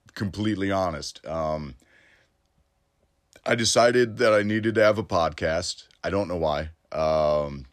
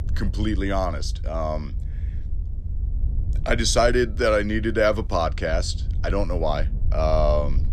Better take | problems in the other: first | low rumble; faint; throughout; 25 dB below the speech

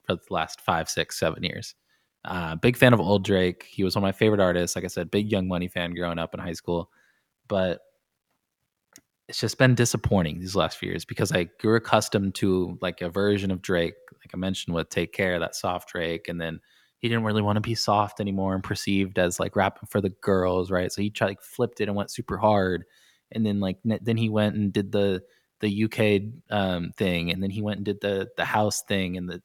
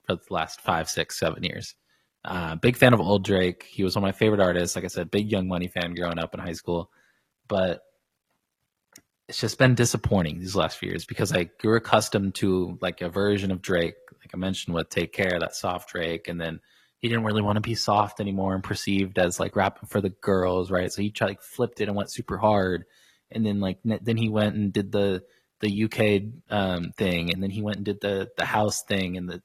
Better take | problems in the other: first | garbled, watery; slightly

